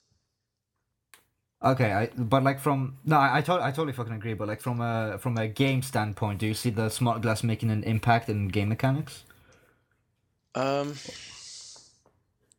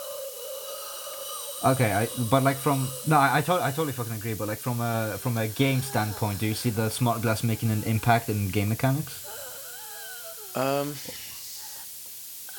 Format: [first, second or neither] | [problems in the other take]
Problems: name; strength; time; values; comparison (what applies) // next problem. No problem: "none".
first | hiss; loud; throughout; 10 dB below the speech